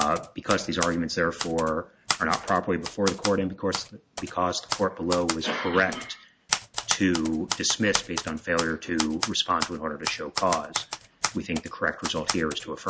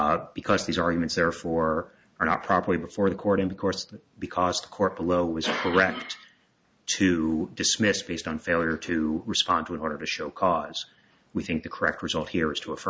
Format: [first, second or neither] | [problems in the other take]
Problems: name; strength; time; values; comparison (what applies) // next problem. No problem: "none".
second | background sound (Typewriter); 7 dB below the speech